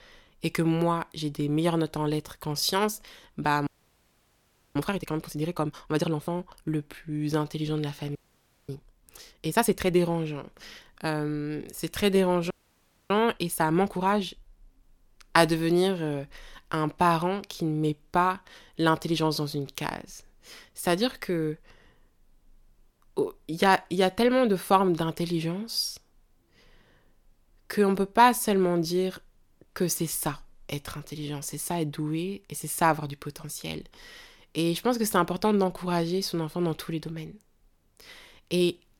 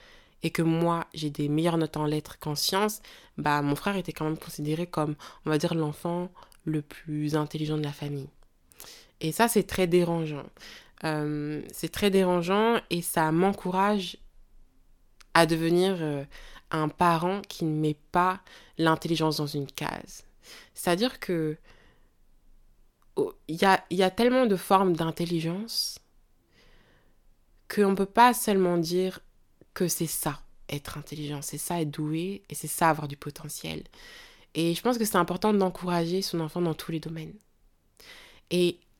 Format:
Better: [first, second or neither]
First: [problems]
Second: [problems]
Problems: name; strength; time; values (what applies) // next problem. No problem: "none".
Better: second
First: audio freezing; at 3.5 s for 1 s, at 8 s for 0.5 s and at 13 s for 0.5 s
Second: none